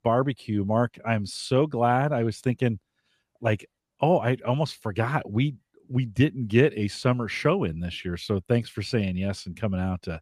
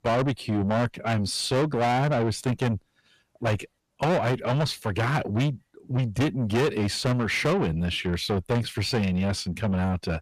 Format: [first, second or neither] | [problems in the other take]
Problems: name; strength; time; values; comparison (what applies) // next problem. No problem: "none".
first | distortion; heavy; 5 dB below the speech